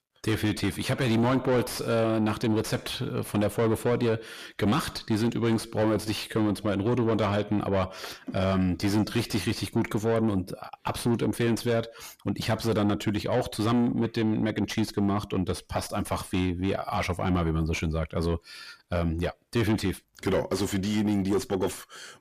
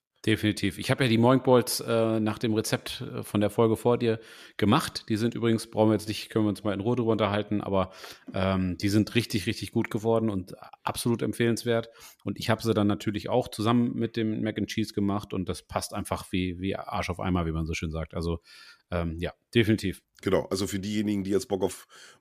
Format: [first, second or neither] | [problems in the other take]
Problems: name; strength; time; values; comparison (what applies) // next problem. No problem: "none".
second | distortion; heavy; 7 dB below the speech